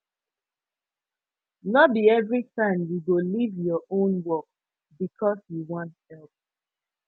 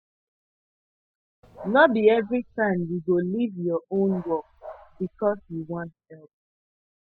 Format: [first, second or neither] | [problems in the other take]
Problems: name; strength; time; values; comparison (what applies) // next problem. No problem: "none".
first | noise reduction (classical method spectral subtraction)